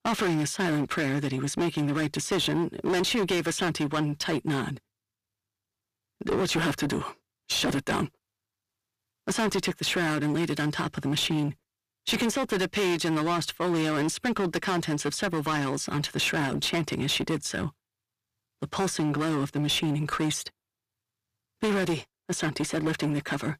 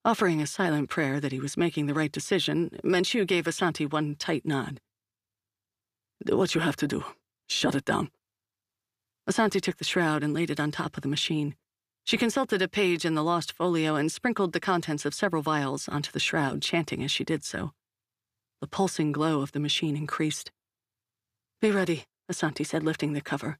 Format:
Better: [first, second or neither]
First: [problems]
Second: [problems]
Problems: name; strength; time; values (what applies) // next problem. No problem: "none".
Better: second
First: distortion; heavy; 17% of the sound clipped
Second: none